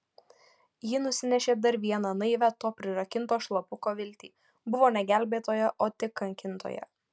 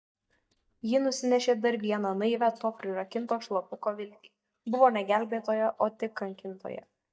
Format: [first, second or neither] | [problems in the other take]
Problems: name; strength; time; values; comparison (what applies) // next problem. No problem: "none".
first | noise reduction (neural mask model DeepFilterNet 3)